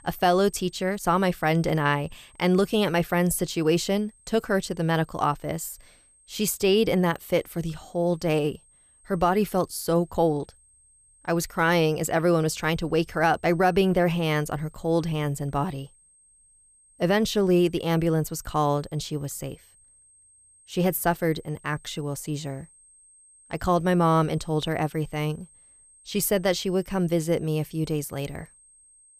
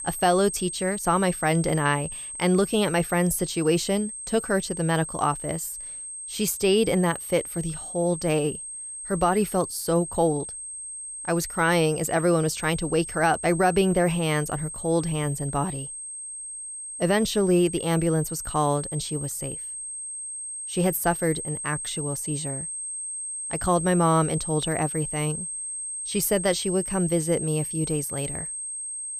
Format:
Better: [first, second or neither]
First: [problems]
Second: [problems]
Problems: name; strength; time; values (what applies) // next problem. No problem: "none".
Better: first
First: high-pitched whine; faint; throughout; 8.5 kHz, 30 dB below the speech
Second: high-pitched whine; loud; throughout; 8.5 kHz, 7 dB below the speech